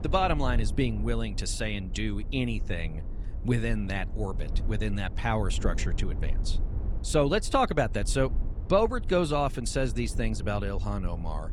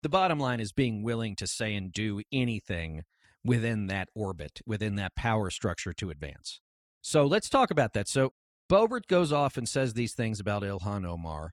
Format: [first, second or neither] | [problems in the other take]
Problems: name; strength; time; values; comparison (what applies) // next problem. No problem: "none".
second | low rumble; noticeable; throughout; 20 dB below the speech